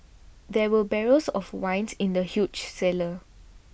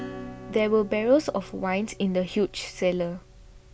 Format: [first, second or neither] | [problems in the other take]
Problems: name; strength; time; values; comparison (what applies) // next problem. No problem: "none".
first | background sound (Acoustic guitar / Strum); 17 dB below the speech